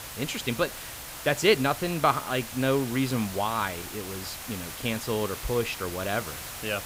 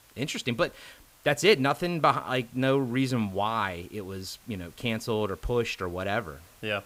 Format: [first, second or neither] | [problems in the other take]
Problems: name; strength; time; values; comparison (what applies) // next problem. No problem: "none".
second | hiss; loud; throughout; 9 dB below the speech; faint in the second